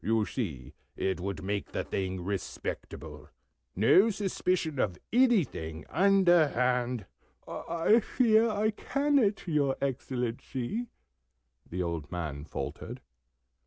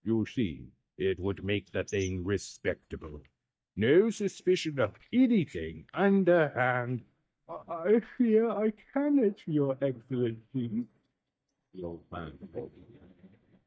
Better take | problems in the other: first | noise reduction (neural mask model DeepFilterNet 3)

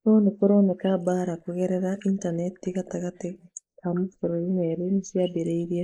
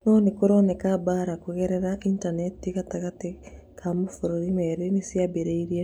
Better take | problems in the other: second | noise reduction (neural mask model Resemble Enhance denoiser)

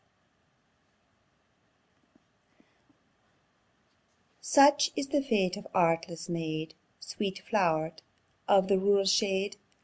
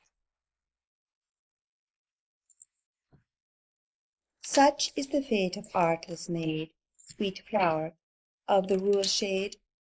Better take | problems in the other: first | noise reduction (neural mask model Resemble Enhance denoiser)

